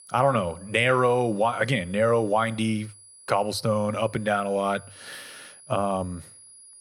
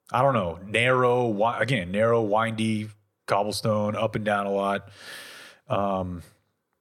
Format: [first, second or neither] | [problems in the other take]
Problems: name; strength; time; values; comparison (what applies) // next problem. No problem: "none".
second | high-pitched whine; faint; throughout; 10 kHz, 20 dB below the speech